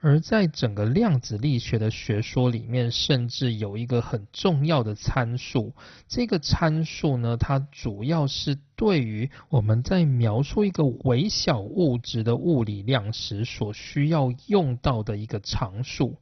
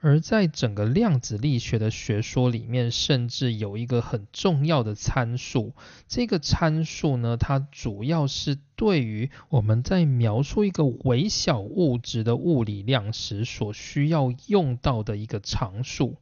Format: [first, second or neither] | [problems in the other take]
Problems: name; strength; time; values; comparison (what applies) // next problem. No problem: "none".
second | garbled, watery; badly; nothing above 6 kHz; slightly in the second